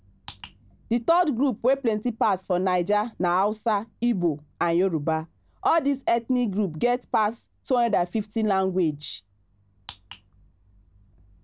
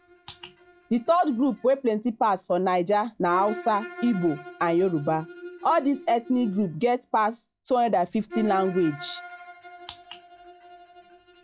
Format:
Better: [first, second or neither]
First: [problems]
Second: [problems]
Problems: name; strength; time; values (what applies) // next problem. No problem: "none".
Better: first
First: none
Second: noise reduction (classical method log-MMSE)